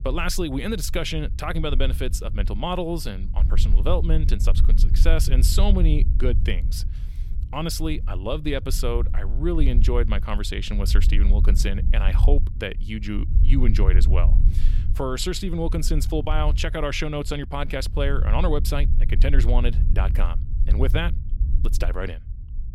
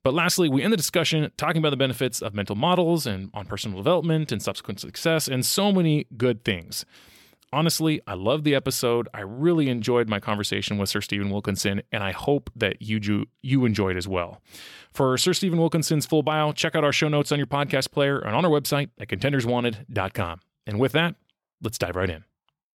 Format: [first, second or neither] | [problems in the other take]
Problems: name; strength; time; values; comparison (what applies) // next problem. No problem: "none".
second | low rumble; noticeable; throughout; 15 dB below the speech